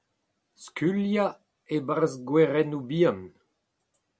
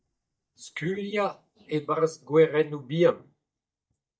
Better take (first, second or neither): first